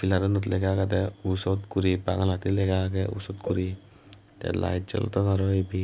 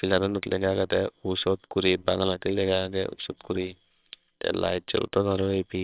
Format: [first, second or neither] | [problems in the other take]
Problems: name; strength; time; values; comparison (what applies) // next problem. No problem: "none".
first | noise reduction (neural separator model SepFormer WHAMR!)